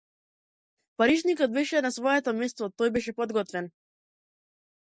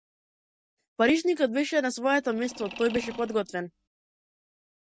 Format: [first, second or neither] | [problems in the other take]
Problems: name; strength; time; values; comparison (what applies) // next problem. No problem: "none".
first | background sound (Mechanisms); 15 dB below the speech